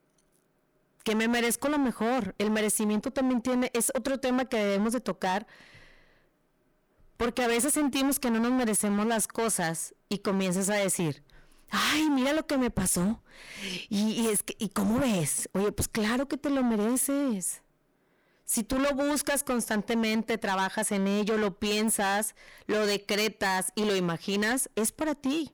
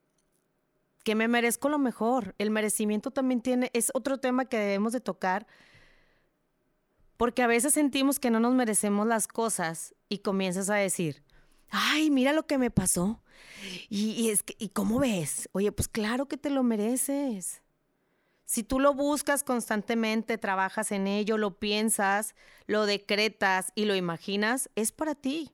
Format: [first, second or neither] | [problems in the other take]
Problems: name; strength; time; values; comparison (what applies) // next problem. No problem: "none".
second | distortion; heavy; 21% of the sound clipped